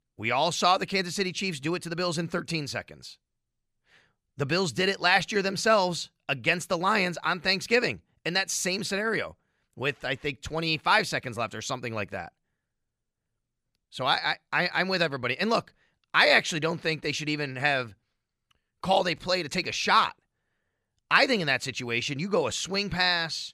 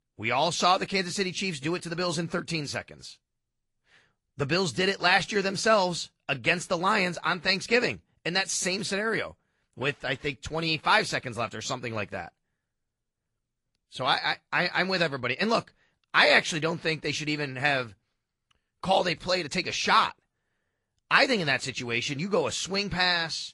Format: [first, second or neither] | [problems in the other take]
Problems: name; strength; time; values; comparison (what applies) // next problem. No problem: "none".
first | garbled, watery; slightly; nothing above 11 kHz